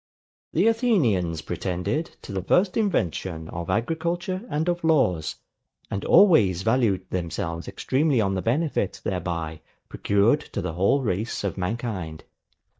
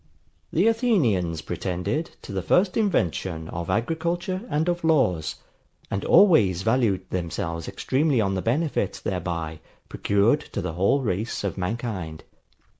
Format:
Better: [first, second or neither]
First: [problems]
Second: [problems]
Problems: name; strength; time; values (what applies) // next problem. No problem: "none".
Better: second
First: noise reduction (neural mask model DeepFilterNet 3)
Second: none